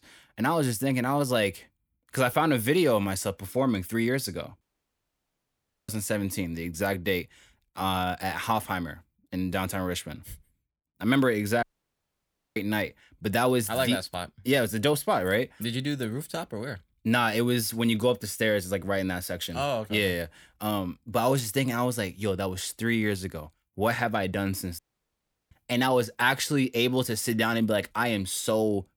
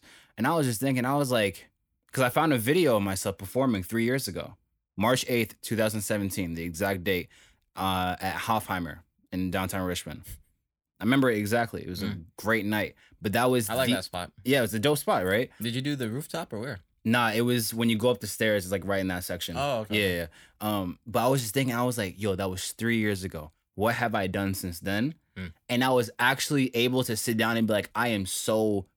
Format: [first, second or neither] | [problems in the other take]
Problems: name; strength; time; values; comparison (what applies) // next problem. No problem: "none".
second | audio cutting out; at 4.5 s for 1.5 s, at 12 s for 1 s and at 25 s for 0.5 s